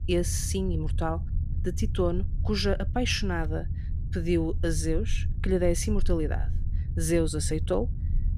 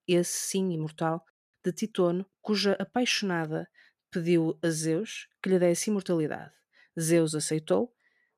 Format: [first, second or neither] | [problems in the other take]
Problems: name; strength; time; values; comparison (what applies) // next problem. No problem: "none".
second | low rumble; noticeable; throughout; 15 dB below the speech